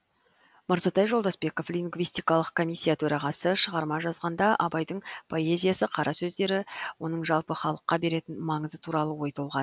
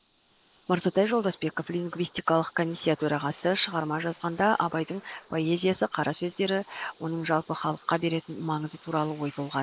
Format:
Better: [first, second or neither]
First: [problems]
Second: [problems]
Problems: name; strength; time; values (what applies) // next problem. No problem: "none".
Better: first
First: none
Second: noise reduction (neural mask model Resemble Enhance denoiser)